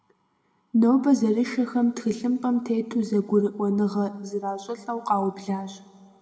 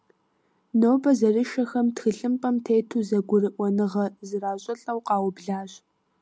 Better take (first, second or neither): second